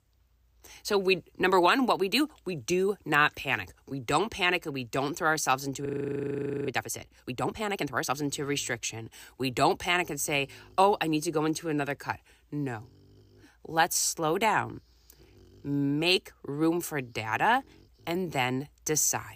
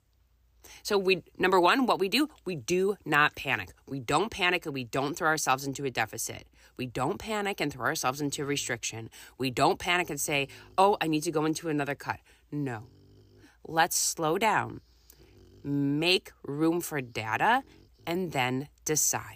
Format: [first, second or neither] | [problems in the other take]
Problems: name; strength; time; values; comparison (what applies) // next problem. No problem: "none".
second | audio freezing; at 6 s for 1 s